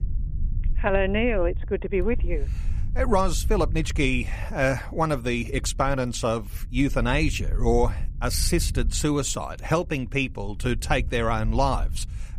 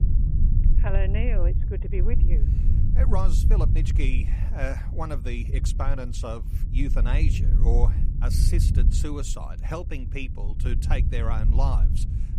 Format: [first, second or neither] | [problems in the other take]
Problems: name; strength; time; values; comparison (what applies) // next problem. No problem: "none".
first | low rumble; loud; throughout; 7 dB below the speech; faint in the first